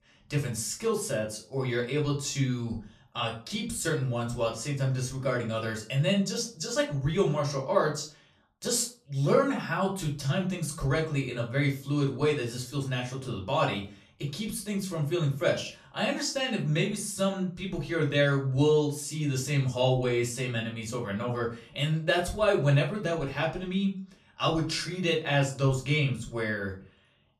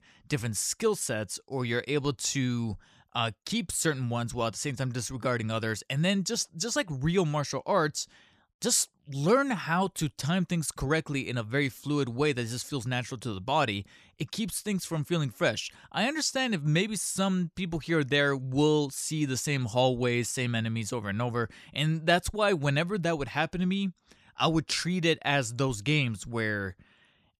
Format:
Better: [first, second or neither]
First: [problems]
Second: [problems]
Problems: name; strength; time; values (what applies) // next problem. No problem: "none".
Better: second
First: off-mic speech; far // room echo; very slight; dies away in 0.3 s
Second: none